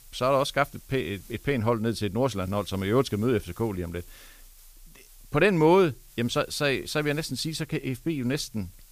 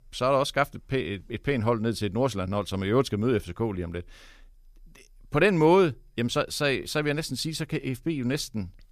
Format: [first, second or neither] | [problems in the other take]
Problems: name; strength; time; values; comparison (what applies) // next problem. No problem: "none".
second | hiss; faint; throughout; 25 dB below the speech